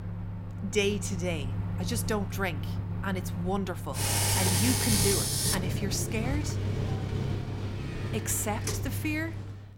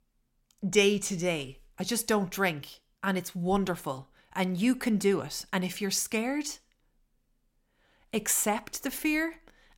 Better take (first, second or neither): second